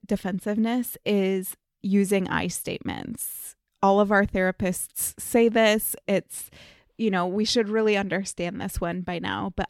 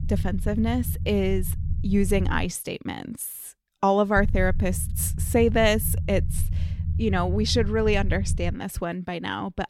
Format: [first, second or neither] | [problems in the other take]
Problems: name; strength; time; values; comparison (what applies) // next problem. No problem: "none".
first | low rumble; noticeable; until 2.5 s and from 4 to 8.5 s; 20 dB below the speech